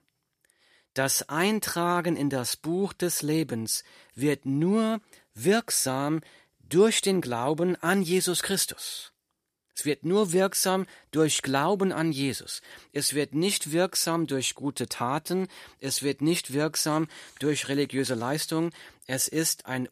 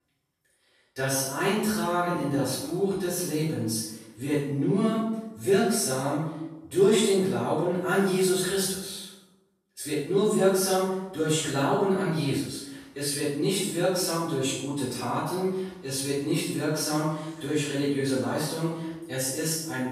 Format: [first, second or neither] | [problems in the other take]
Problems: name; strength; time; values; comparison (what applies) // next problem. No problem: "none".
first | off-mic speech; far // room echo; strong; dies away in 0.8 s